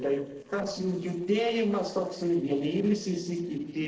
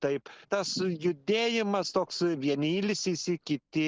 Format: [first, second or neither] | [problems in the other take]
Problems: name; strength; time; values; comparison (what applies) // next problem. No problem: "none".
second | noise reduction (neural separator model SepFormer DNS4)